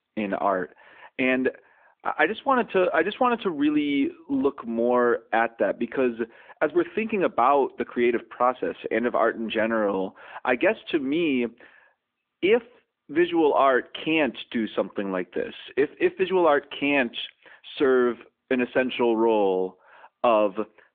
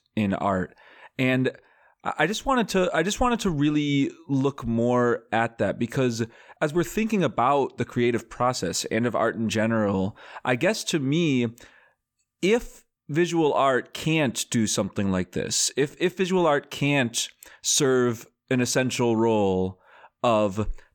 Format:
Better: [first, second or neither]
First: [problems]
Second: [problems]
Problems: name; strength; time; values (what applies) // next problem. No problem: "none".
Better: second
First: phone-call audio; nothing above 3.5 kHz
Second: none